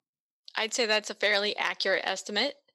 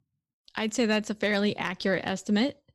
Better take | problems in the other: second | thin; very; fading below 550 Hz

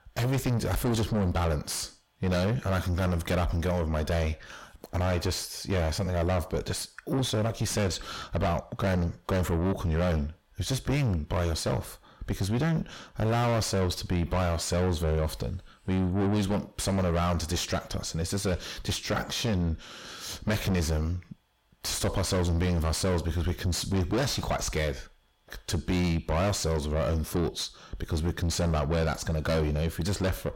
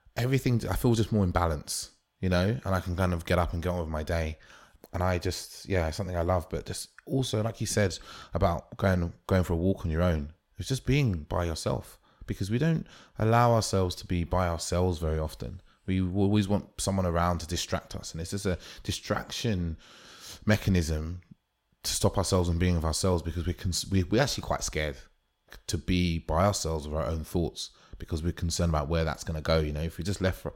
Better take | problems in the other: second | distortion; heavy; 6 dB below the speech

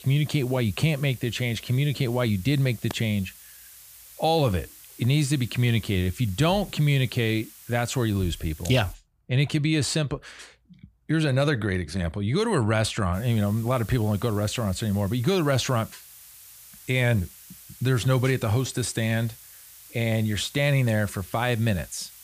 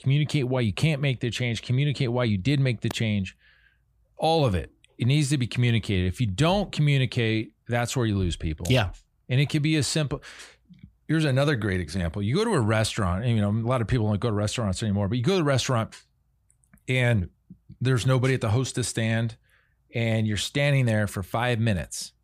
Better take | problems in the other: second | hiss; noticeable; until 9 s and from 13 s on; 20 dB below the speech

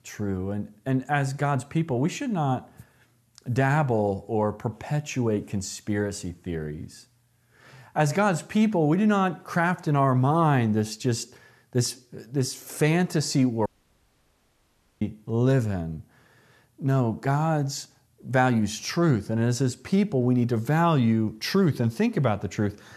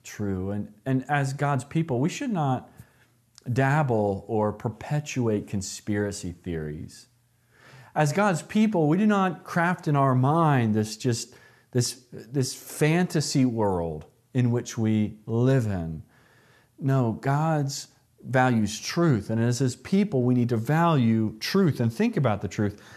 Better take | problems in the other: second | audio cutting out; at 14 s for 1.5 s

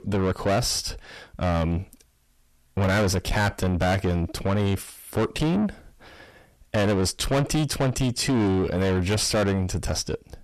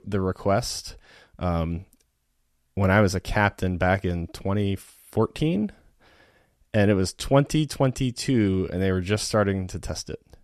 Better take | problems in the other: second | distortion; heavy; 6 dB below the speech

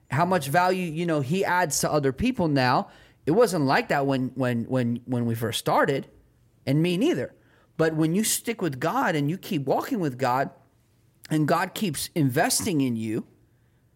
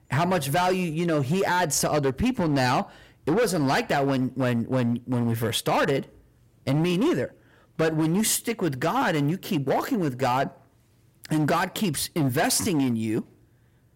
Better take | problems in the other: first | distortion; slight; 12% of the sound clipped

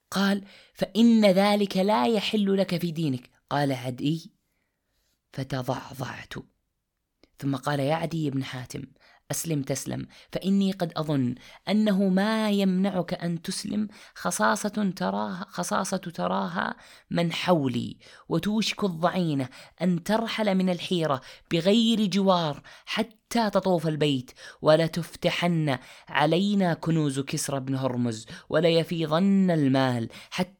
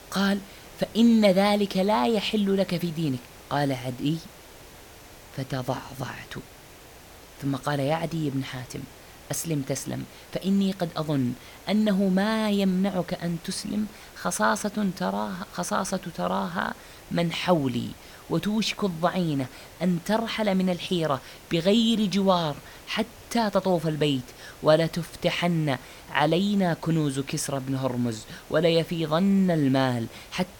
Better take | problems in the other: first | hiss; faint; throughout; 20 dB below the speech

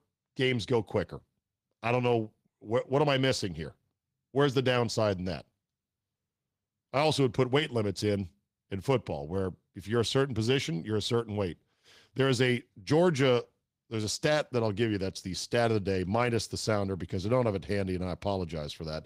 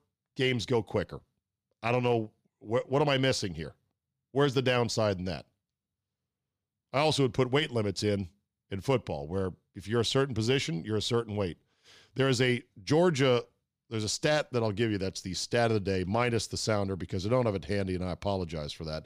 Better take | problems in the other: second | garbled, watery; slightly; nothing above 15.5 kHz

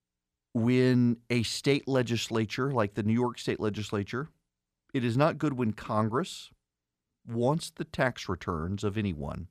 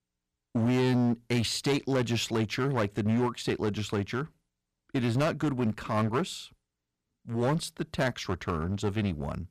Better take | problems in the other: first | distortion; slight; 10% of the sound clipped

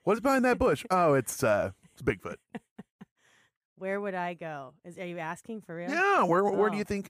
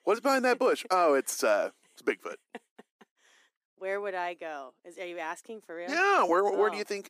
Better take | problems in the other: first | thin; very slightly; fading below 300 Hz

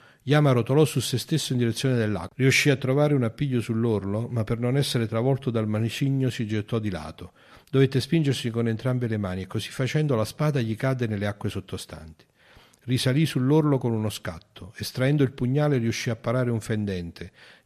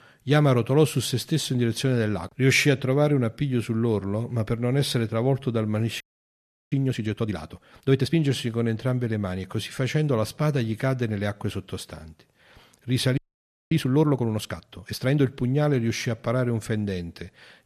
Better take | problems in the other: first | audio freezing; at 6 s for 0.5 s and at 13 s for 0.5 s

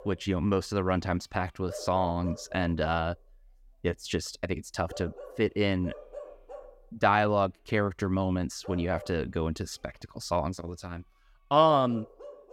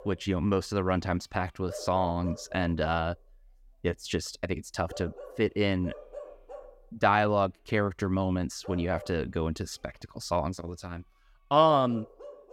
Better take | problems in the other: neither | animal sounds; noticeable; throughout; 15 dB below the speech; the same in both

